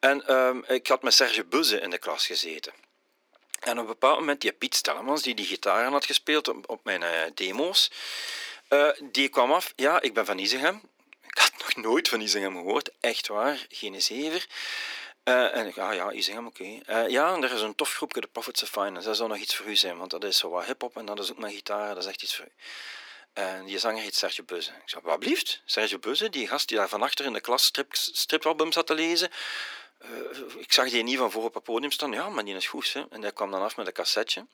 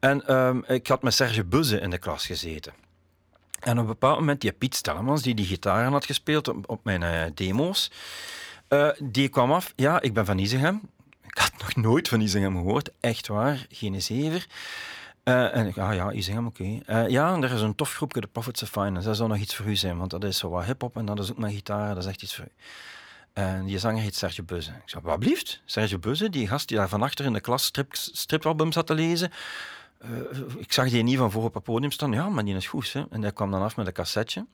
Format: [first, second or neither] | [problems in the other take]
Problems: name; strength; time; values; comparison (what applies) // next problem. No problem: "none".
second | thin; somewhat; fading below 300 Hz